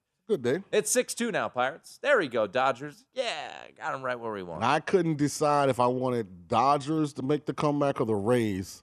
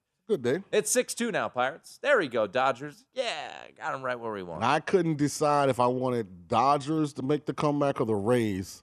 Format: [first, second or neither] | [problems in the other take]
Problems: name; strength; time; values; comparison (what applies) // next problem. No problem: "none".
neither | none